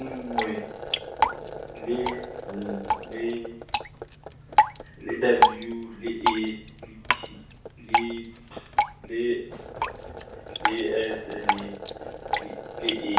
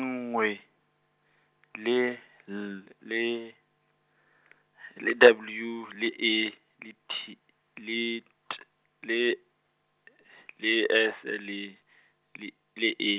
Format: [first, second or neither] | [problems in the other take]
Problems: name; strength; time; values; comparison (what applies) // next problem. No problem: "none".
second | background sound (Drip); 3 dB above the speech // room echo; dies away in 0.6 s